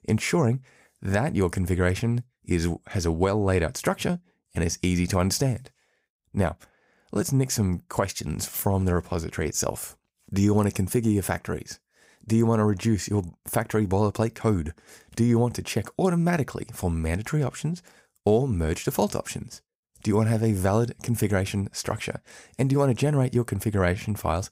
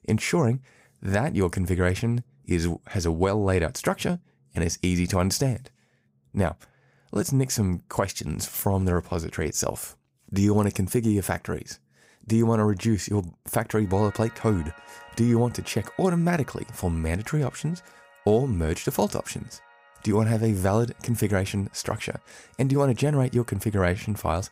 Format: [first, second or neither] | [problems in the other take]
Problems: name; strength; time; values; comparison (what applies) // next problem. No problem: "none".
first | background music; faint; throughout; 25 dB below the speech